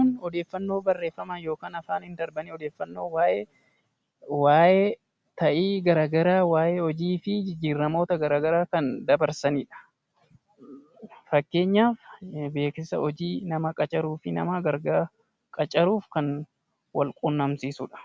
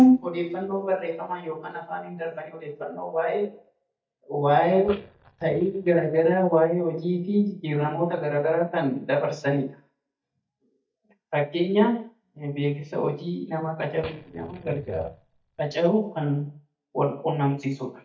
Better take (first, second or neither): first